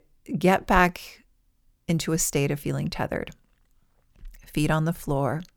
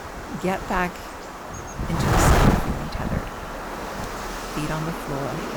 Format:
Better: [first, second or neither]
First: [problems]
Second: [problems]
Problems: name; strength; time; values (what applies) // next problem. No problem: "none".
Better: first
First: none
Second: wind noise on the microphone; heavy; 3 dB above the speech